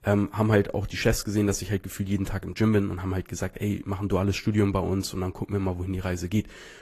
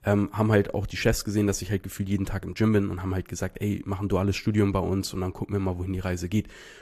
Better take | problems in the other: second | garbled, watery; slightly; nothing above 14.5 kHz

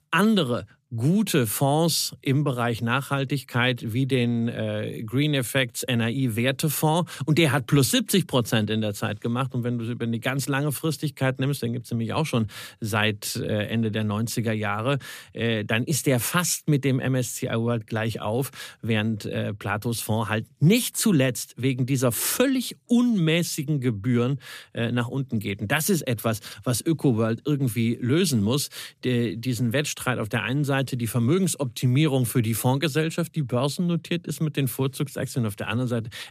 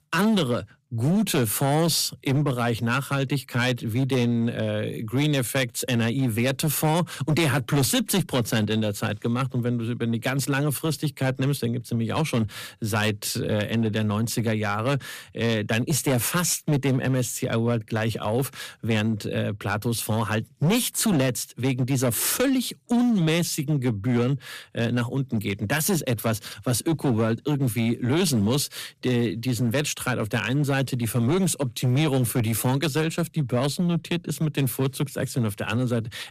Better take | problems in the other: first | distortion; slight; 9% of the sound clipped

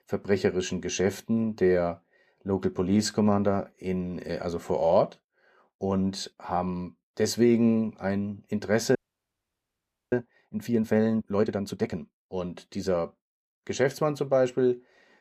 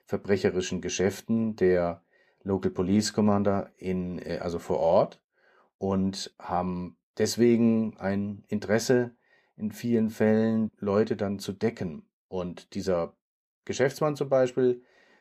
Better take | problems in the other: second | audio freezing; at 9 s for 1 s

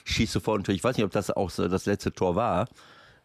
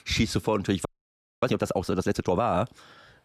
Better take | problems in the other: first | audio freezing; at 1 s for 0.5 s

